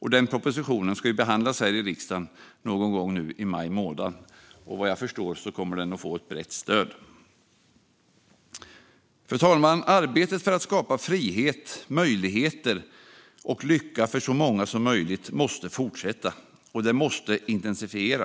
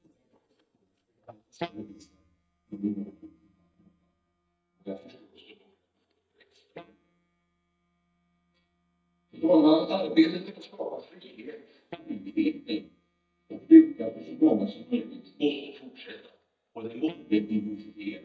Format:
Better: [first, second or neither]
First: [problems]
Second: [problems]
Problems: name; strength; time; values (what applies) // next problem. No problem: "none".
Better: first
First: none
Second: noise reduction (neural mask model DeepFilterNet 3)